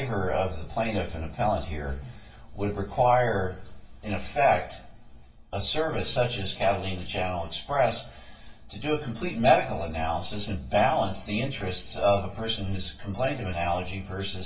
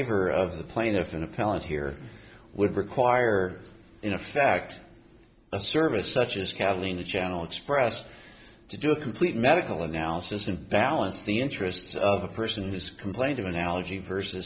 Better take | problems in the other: second | room echo; dies away in 0.2 s

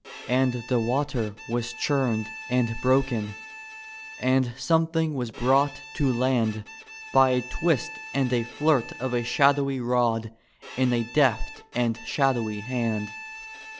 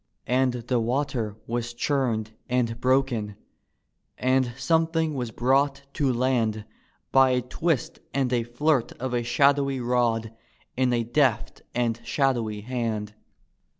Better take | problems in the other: second | background sound (Bowed string instrument); 16 dB below the speech

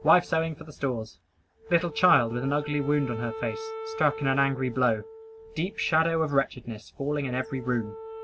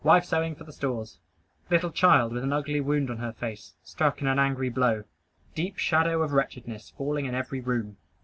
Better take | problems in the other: second | background sound (Wind instrument, woodwind instrument); 13 dB below the speech

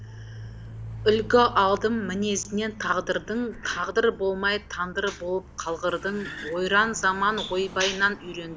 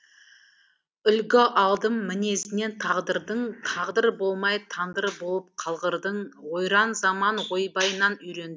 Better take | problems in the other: second | background sound (Car); 16 dB below the speech

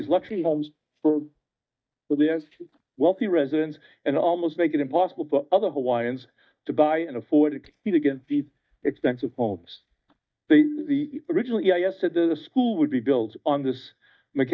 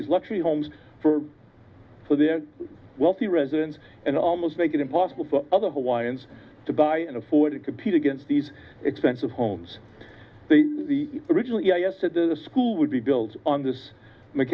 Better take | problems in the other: second | noise reduction (neural mask model DeepFilterNet 3)

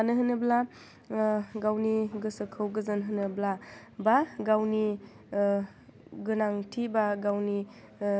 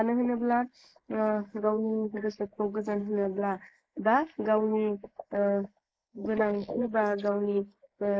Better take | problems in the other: first | noise reduction (neural mask model Resemble Enhance denoiser)

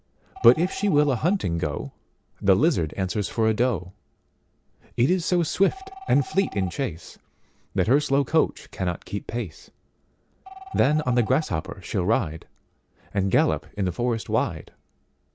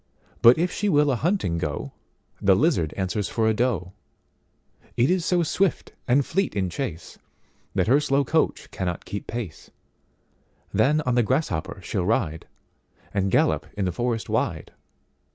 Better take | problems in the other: second | background sound (Telephone); 20 dB below the speech

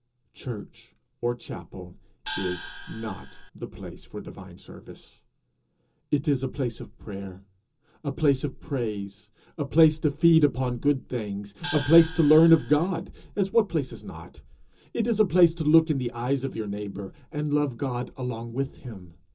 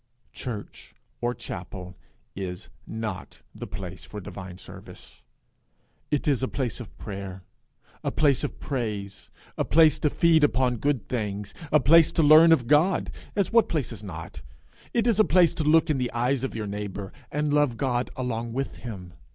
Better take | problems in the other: second | background sound (Gong); 11 dB below the speech // room echo; dies away in 0.2 s

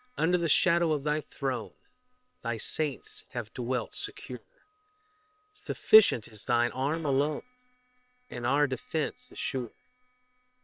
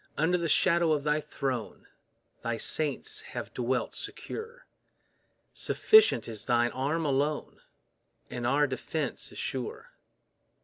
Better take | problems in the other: second | noise reduction (neural separator model SepFormer WHAM!)

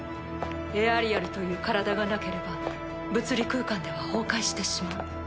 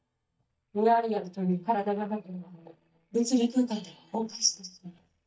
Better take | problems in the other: first | noise reduction (neural mask model DeepFilterNet 3)

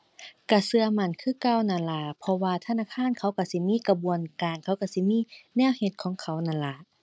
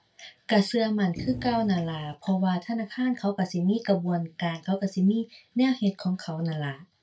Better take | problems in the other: first | background sound (Thump, thud); 11 dB below the speech // room echo; dies away in 0.2 s

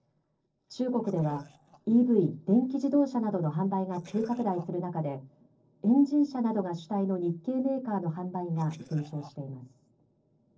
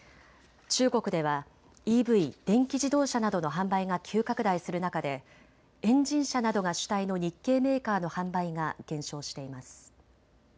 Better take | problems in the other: second | noise reduction (neural separator model SepFormer DNS4)

